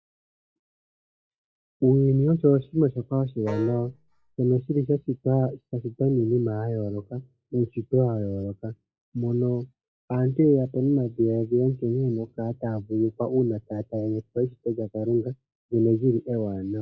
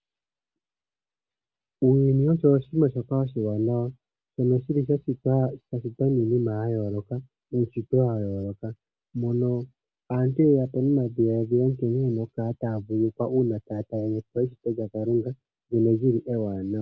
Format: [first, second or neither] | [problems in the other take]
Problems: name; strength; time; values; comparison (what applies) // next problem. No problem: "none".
second | noise reduction (classical method log-MMSE)